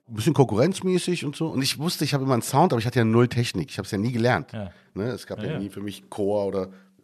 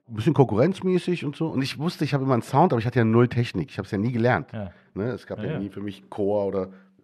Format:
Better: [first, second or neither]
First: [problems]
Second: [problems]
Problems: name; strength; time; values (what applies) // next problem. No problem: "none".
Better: first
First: none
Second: muffled; slightly; fading above 4 kHz